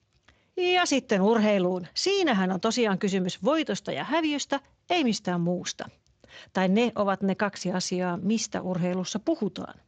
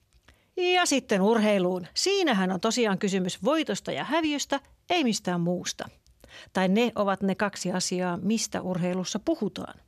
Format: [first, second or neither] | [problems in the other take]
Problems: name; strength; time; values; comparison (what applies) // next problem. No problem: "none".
second | garbled, watery; slightly; nothing above 7.5 kHz